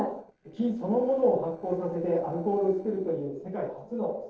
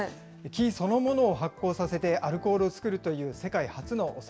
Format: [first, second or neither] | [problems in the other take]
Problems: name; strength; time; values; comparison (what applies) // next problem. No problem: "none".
second | noise reduction (neural separator model SepFormer DNS4)